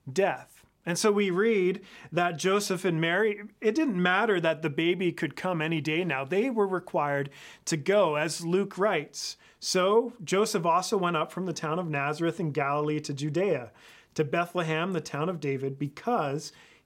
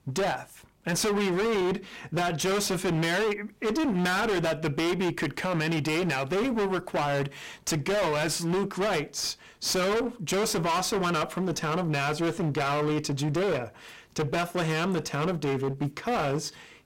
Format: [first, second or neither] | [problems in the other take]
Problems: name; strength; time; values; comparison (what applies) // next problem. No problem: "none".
first | distortion; heavy; 33% of the sound clipped